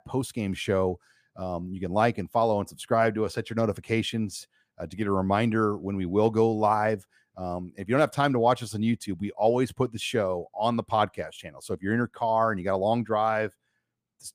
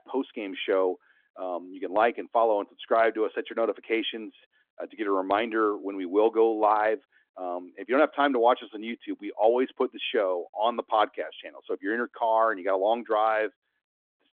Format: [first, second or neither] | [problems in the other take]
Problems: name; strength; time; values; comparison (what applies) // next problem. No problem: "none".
first | phone-call audio; nothing above 3.5 kHz